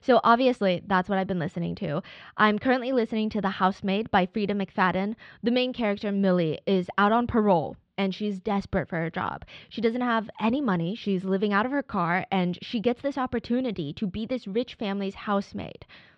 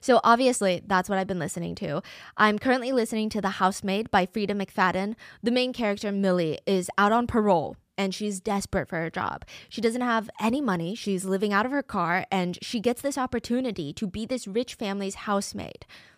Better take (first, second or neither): second